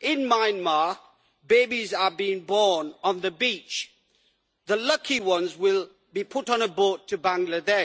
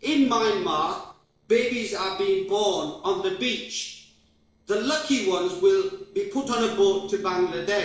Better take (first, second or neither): first